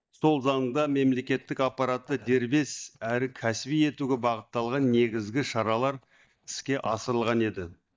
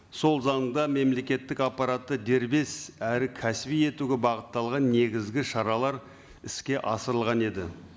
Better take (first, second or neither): second